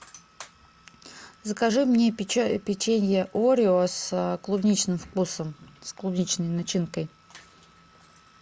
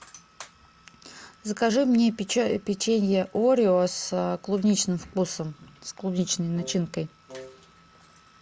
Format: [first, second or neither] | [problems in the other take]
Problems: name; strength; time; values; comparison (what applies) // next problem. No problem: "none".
first | background sound (Wind instrument, woodwind instrument); 19 dB below the speech